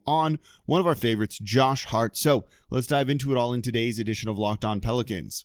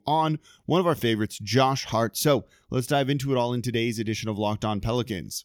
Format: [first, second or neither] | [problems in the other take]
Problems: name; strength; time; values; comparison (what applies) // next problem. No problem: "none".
second | garbled, watery; slightly